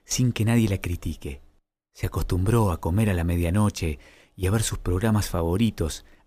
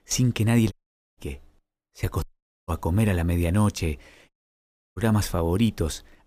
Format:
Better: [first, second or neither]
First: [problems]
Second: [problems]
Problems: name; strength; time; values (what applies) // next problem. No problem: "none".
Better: first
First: none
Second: audio cutting out; at 0.5 s, at 2 s and at 4.5 s for 0.5 s